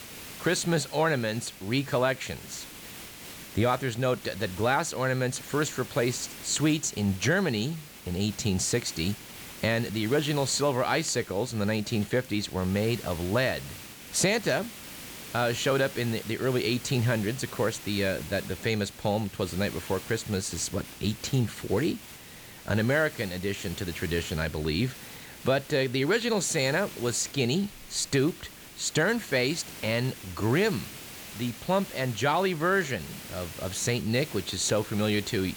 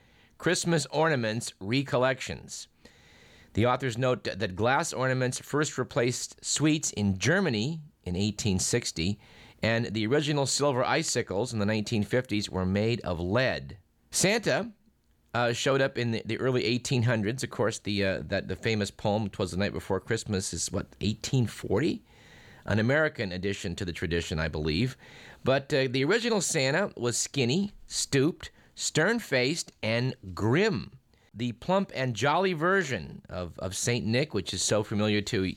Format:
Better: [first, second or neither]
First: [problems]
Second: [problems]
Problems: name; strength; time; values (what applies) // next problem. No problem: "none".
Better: second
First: hiss; noticeable; throughout; 15 dB below the speech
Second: none